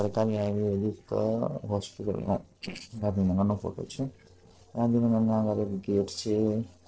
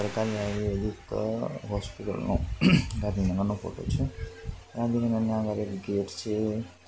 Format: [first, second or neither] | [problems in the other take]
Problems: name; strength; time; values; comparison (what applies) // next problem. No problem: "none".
second | noise reduction (neural separator model SepFormer DNS4)